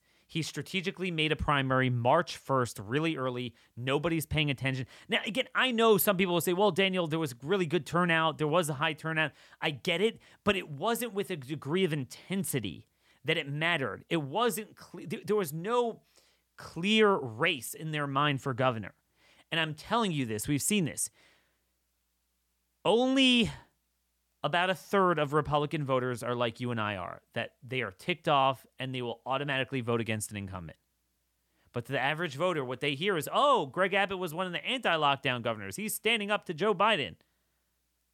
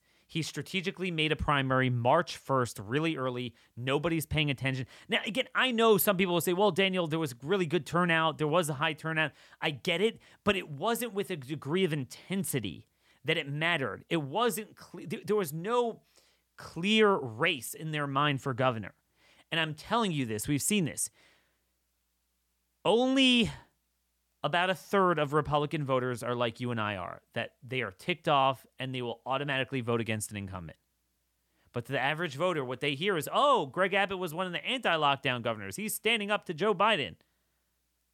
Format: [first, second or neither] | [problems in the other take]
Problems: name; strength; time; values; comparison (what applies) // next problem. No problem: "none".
neither | none